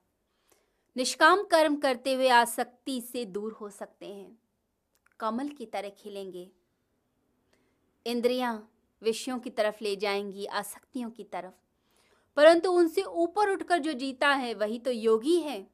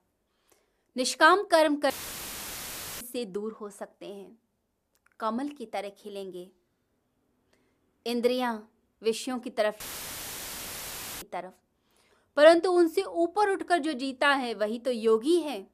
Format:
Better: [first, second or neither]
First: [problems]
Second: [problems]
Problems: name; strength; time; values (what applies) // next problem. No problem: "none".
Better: first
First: none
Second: audio cutting out; filled with static; at 2 s for 1 s and at 10 s for 1.5 s